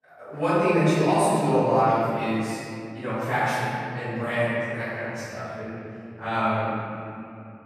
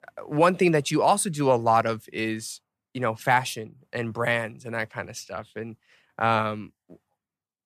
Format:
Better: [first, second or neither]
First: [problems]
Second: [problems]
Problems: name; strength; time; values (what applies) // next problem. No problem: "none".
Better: second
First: room echo; strong; dies away in 2.7 s // off-mic speech; far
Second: none